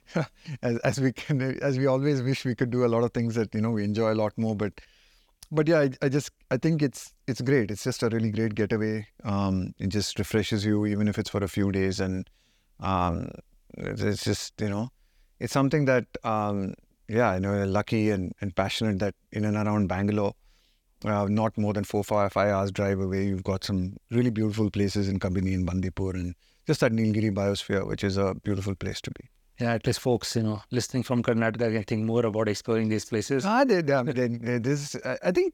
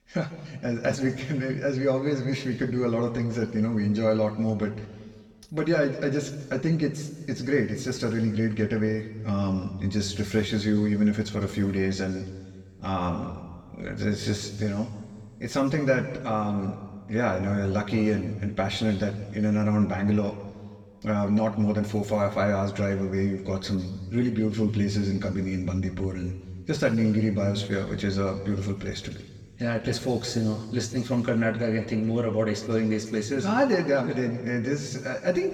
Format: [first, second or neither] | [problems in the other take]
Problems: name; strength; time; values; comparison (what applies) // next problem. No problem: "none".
first | room echo; slight; dies away in 1.6 s // off-mic speech; somewhat distant